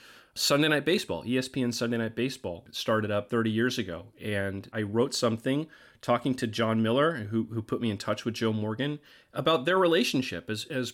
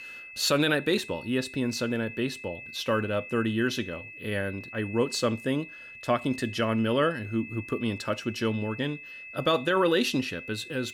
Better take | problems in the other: first | high-pitched whine; noticeable; throughout; 2.5 kHz, 15 dB below the speech

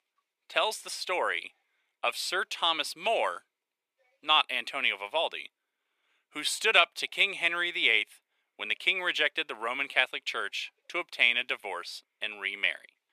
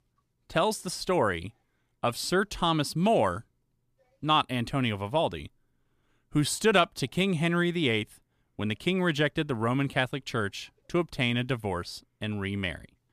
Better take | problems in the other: second | thin; very; fading below 500 Hz

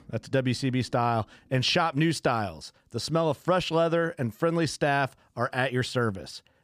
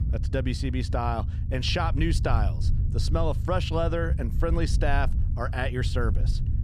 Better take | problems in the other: first | low rumble; noticeable; throughout; 15 dB below the speech

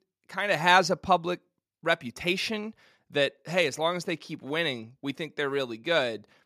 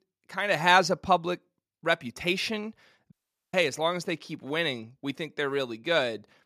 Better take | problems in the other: first | audio cutting out; at 3 s

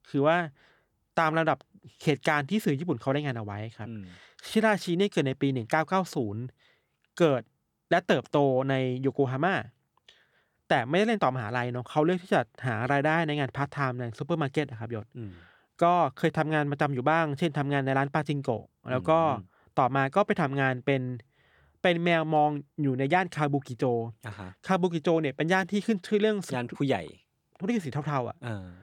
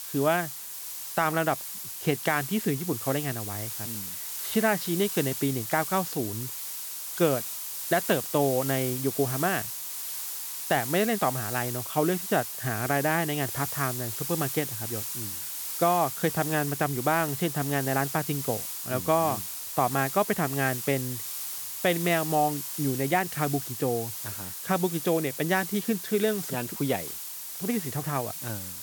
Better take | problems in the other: first | hiss; loud; throughout; 4 dB below the speech

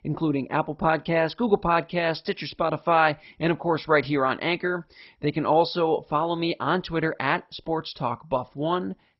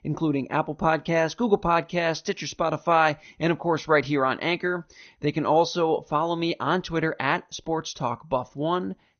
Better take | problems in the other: second | garbled, watery; badly; nothing above 5.5 kHz; slightly in the second

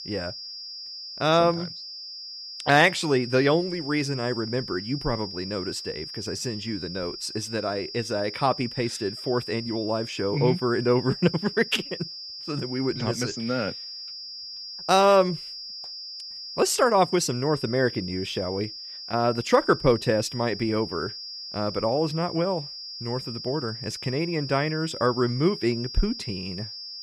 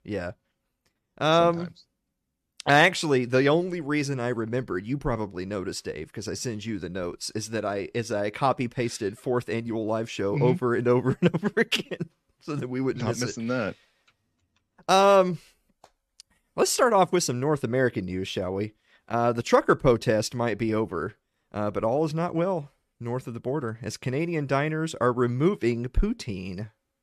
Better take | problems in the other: second | high-pitched whine; loud; throughout; 5 kHz, 10 dB below the speech

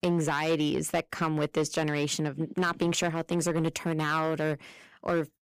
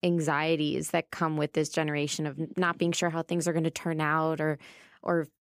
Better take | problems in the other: second | distortion; slight; 6% of the sound clipped

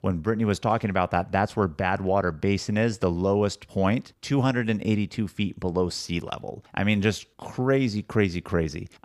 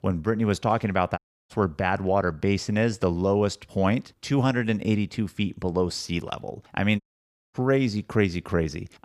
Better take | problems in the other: first | audio cutting out; at 1 s and at 7 s for 0.5 s

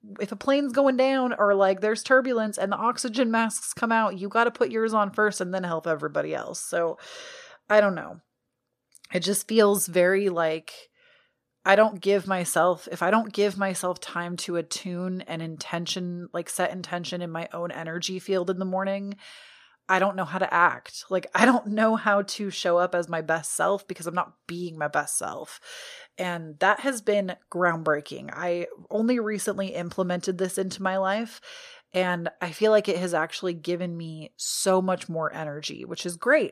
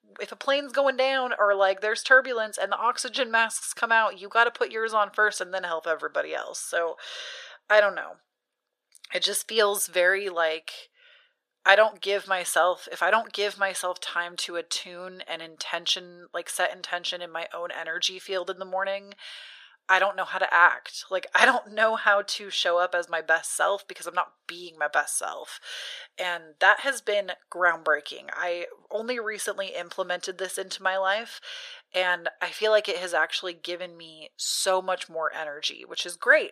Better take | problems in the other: first | thin; very; fading below 600 Hz

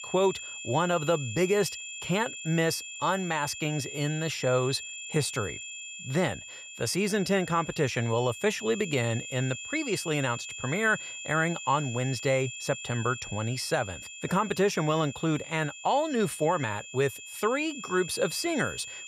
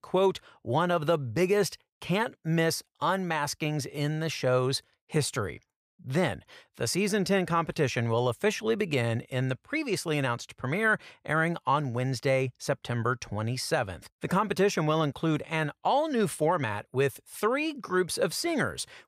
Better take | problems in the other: second | high-pitched whine; loud; throughout; 2.5 kHz, 9 dB below the speech

